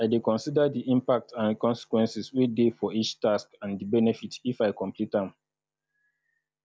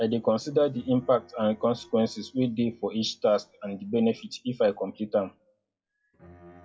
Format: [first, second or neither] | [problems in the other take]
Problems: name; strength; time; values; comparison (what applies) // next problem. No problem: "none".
first | noise reduction (classical method WPE with log-MMSE)